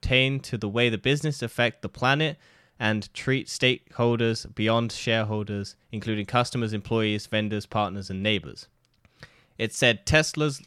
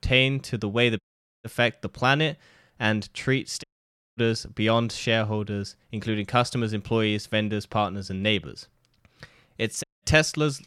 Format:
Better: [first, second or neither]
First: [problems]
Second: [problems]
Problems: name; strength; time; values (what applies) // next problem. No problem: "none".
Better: first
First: none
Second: audio cutting out; at 1 s, at 3.5 s for 0.5 s and at 10 s